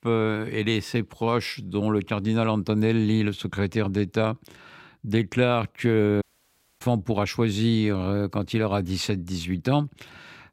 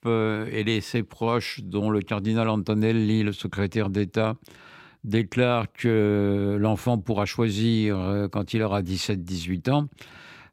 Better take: second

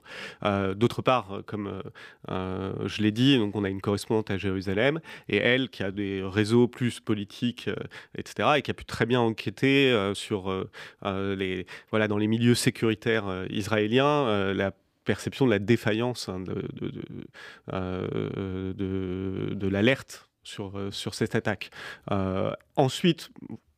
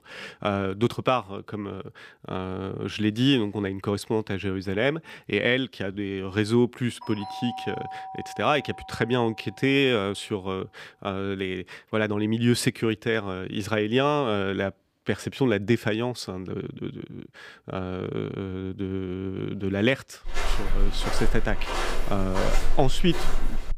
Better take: first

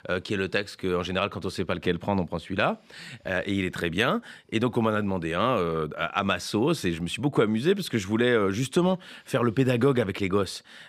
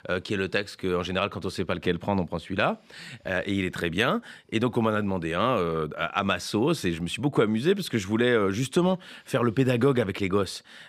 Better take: neither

